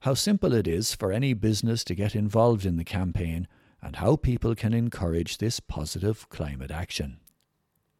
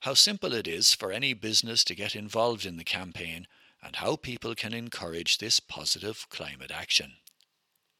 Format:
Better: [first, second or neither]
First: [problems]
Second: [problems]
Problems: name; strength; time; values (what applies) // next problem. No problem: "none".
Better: first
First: none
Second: thin; somewhat; fading below 850 Hz